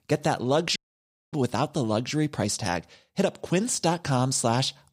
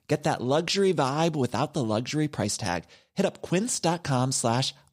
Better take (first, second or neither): second